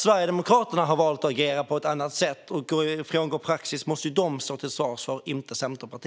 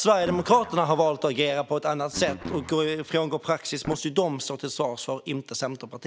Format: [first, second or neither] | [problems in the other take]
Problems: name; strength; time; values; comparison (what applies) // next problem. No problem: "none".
first | background sound (Guitar); 15 dB below the speech